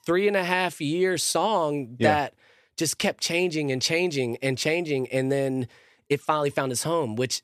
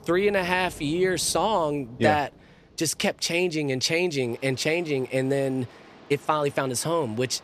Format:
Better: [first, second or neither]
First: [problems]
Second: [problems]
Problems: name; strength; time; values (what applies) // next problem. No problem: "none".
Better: first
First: none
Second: rain or running water; faint; throughout; 25 dB below the speech